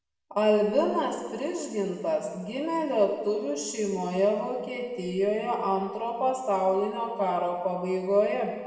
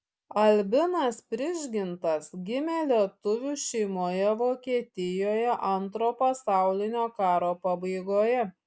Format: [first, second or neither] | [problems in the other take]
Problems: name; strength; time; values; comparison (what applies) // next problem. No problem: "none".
second | room echo; dies away in 1.5 s